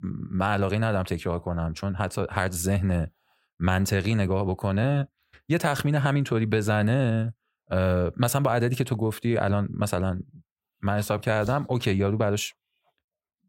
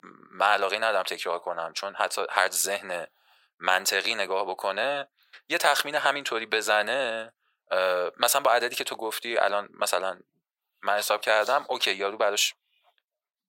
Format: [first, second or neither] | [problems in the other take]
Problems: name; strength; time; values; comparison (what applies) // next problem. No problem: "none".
first | thin; very; fading below 600 Hz